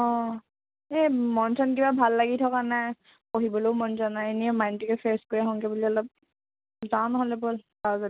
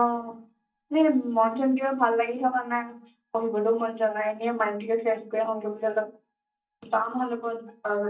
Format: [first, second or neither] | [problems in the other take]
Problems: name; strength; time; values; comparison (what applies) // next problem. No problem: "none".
first | noise reduction (neural mask model DeepFilterNet 3)